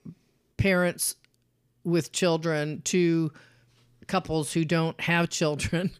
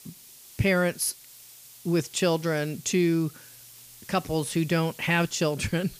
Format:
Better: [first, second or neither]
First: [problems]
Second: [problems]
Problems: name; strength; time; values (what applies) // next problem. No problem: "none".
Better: first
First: none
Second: hiss; noticeable; throughout; 20 dB below the speech